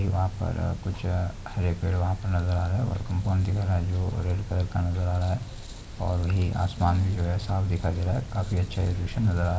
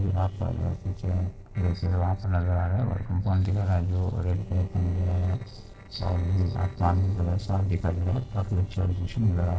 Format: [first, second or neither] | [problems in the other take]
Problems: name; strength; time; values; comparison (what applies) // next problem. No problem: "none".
first | noise reduction (neural separator model SepFormer DNS4)